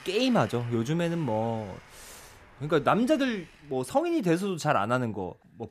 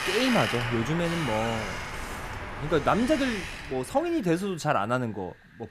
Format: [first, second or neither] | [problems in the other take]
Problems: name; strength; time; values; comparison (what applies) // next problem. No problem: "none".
first | wind in the background; loud; throughout; 5 dB below the speech; faint in the first